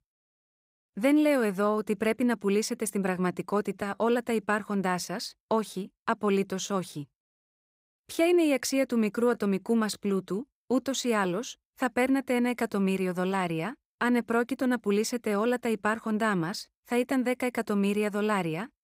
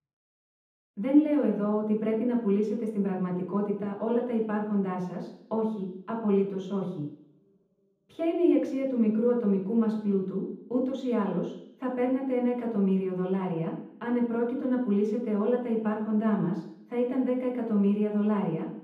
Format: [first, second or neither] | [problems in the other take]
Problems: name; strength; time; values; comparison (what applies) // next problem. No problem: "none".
first | room echo; noticeable; dies away in 0.8 s // off-mic speech; far